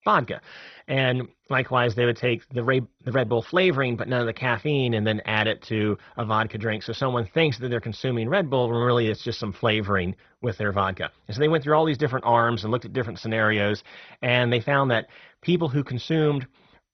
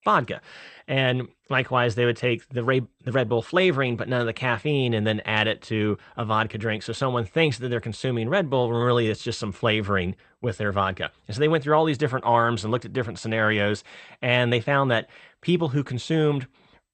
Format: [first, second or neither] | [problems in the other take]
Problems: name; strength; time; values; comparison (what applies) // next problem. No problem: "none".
second | garbled, watery; badly; nothing above 6 kHz; slightly in the second